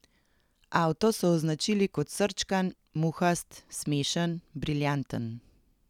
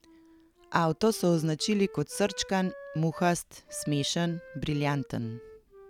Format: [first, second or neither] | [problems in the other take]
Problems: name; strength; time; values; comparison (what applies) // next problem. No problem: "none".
first | background sound (Wind instrument, woodwind instrument); 19 dB below the speech